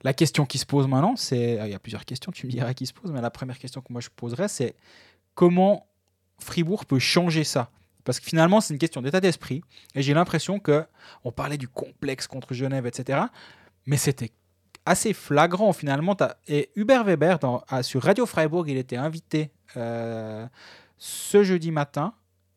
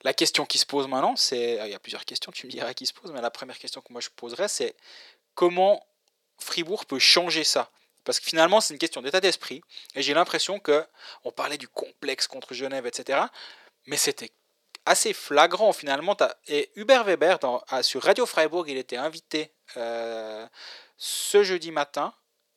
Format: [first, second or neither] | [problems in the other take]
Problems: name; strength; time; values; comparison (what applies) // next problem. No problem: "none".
first | thin; very; fading below 400 Hz